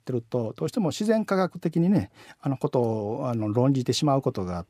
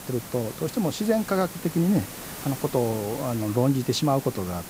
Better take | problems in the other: first | hiss; noticeable; throughout; 10 dB below the speech

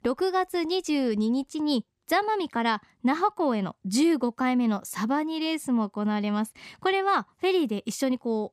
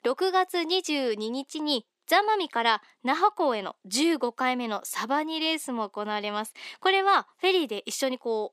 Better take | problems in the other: first | thin; somewhat; fading below 350 Hz

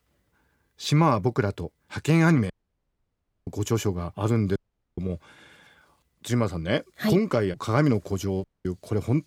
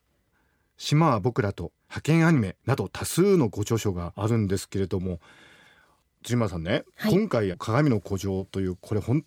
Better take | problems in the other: second | audio cutting out; at 2.5 s for 1 s, at 4.5 s and at 8.5 s

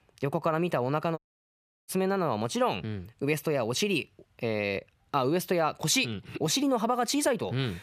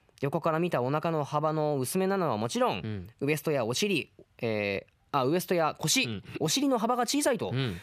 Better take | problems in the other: second | audio cutting out; at 1 s for 0.5 s

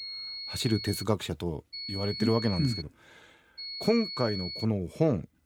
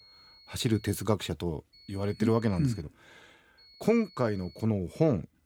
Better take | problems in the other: second | high-pitched whine; loud; until 1 s, from 1.5 to 3 s and from 3.5 to 4.5 s; 4.5 kHz, 7 dB below the speech; faint in the second

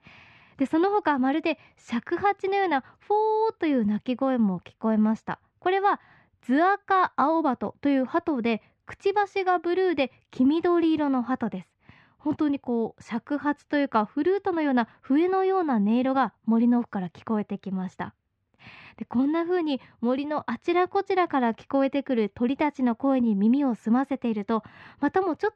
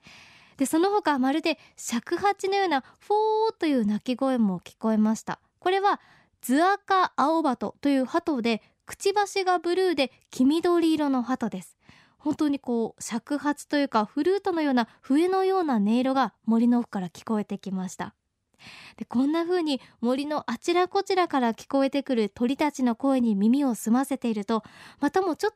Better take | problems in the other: second | muffled; slightly; fading above 2.5 kHz

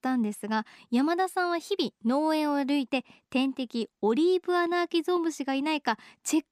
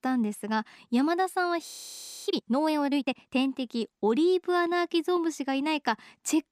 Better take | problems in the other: first | audio freezing; at 1.5 s for 0.5 s

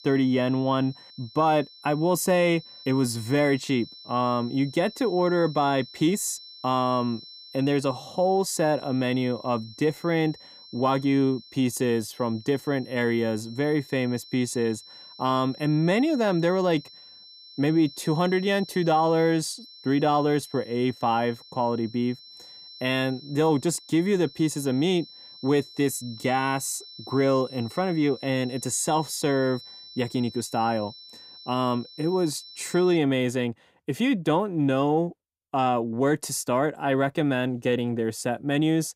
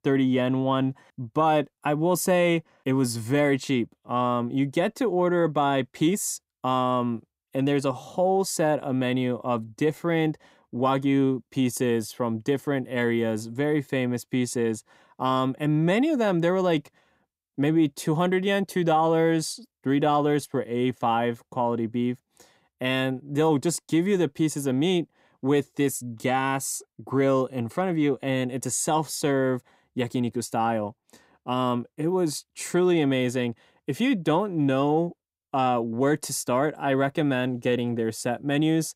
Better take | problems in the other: second | high-pitched whine; noticeable; until 33 s; 4 kHz, 20 dB below the speech

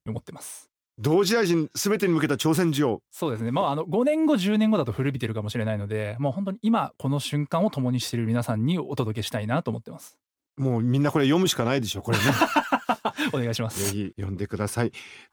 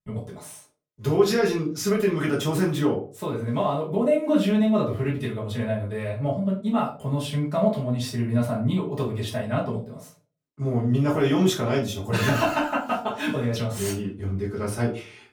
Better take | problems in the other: first | off-mic speech; far // room echo; slight; dies away in 0.3 s

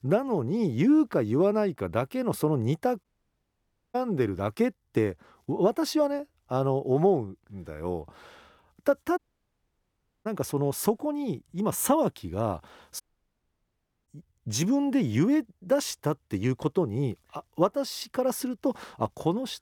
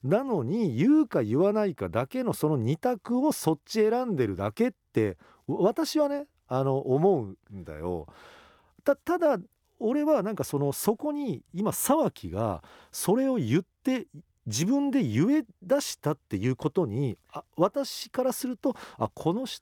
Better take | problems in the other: second | audio cutting out; at 3 s for 1 s, at 9 s for 1 s and at 13 s for 1 s

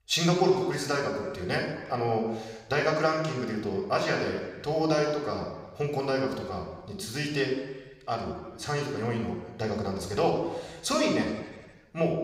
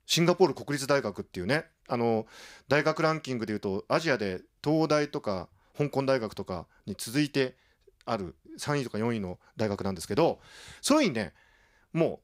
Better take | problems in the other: second | room echo; noticeable; dies away in 1.1 s // off-mic speech; somewhat distant

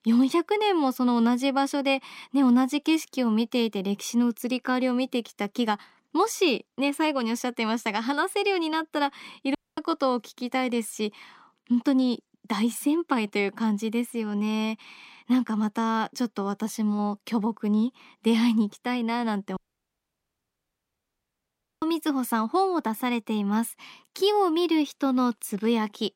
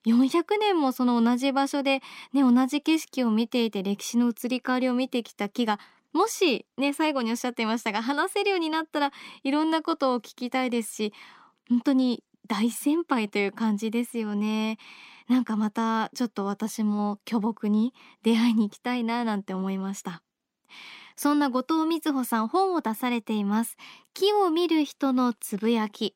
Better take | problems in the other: second | audio cutting out; at 9.5 s and at 20 s for 2.5 s

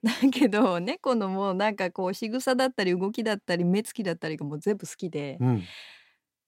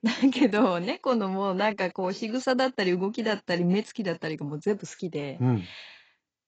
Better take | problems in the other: first | garbled, watery; badly; nothing above 8 kHz

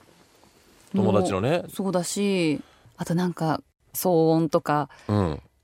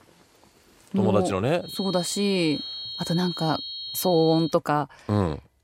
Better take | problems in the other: first | high-pitched whine; loud; from 1.5 to 4.5 s; 4.5 kHz, 7 dB below the speech

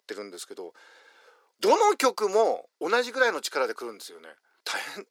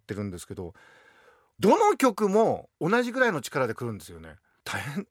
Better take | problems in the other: second | thin; somewhat; fading below 350 Hz

